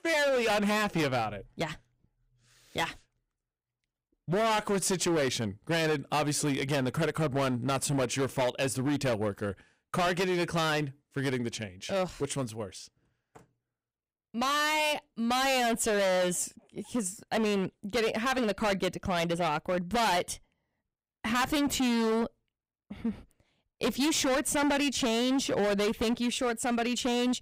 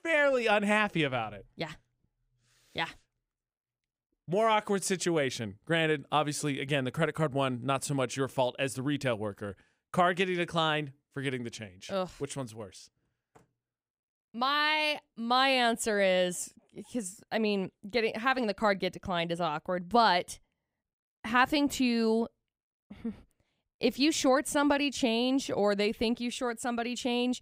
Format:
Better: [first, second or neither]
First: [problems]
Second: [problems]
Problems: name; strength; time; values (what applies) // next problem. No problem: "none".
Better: second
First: distortion; heavy; 17% of the sound clipped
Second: none